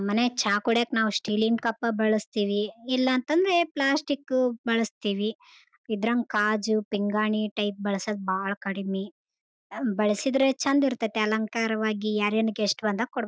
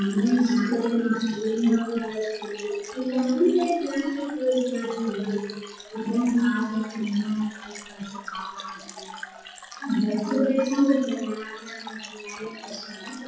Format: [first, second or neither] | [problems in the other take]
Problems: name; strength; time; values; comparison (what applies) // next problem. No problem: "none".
first | noise reduction (classical method WPE with log-MMSE)